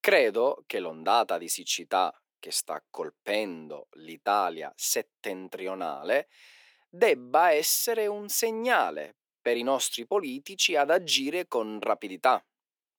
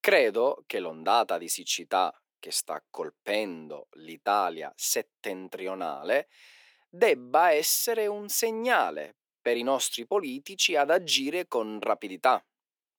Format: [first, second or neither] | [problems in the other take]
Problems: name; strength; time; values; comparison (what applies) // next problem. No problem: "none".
neither | thin; somewhat; fading below 350 Hz; the same in both